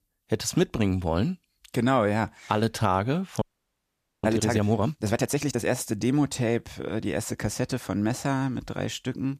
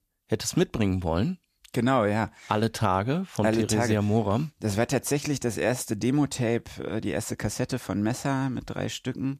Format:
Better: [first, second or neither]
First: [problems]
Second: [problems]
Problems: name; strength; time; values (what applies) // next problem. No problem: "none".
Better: second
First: audio freezing; at 3.5 s for 1 s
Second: none